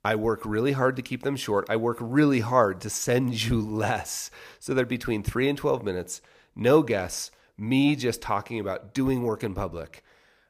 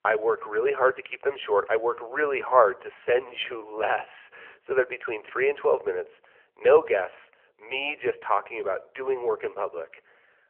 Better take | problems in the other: first | phone-call audio; nothing above 3 kHz

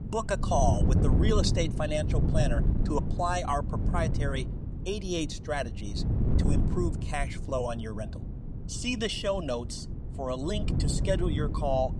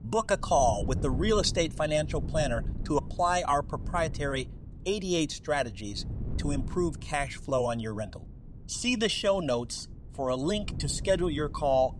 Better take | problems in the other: second | wind noise on the microphone; heavy; 9 dB below the speech; occasional gusts in the second

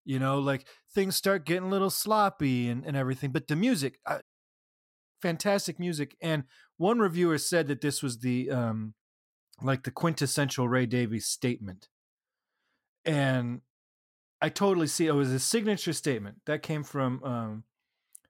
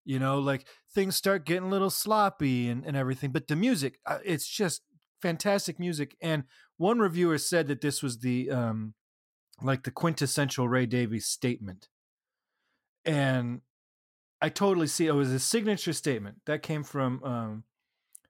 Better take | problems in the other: second | audio cutting out; at 4 s for 1 s

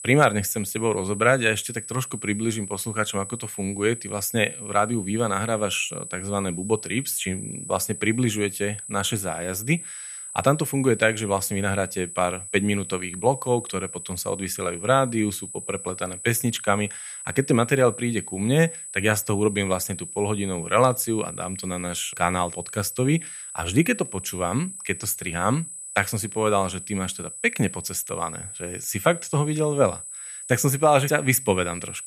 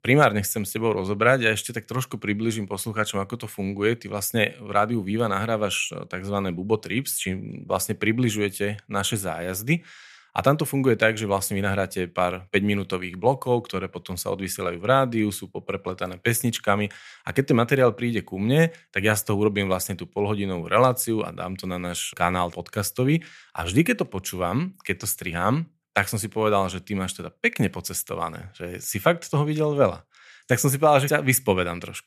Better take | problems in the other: second | high-pitched whine; loud; throughout; 8 kHz, 10 dB below the speech

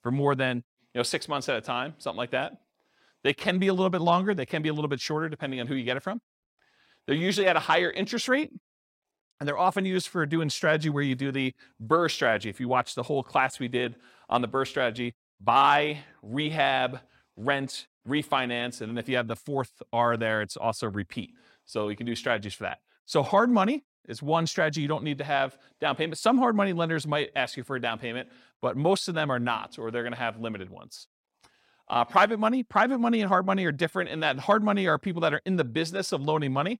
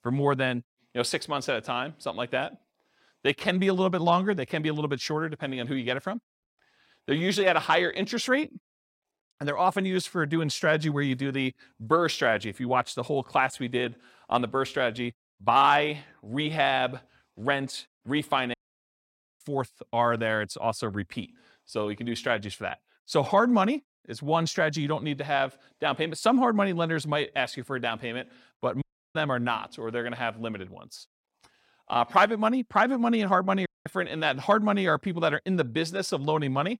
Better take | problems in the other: first | audio cutting out; at 19 s for 1 s, at 29 s and at 34 s

